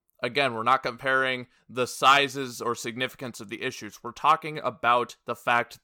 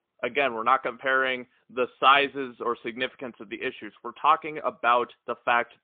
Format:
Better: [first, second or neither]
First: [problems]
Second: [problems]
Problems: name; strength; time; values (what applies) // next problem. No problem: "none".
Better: first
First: none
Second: phone-call audio; poor line; nothing above 3.5 kHz